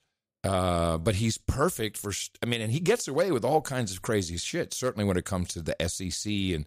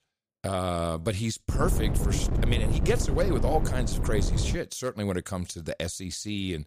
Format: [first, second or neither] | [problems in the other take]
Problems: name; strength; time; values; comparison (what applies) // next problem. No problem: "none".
first | wind noise on the microphone; heavy; from 1.5 to 4.5 s; 6 dB below the speech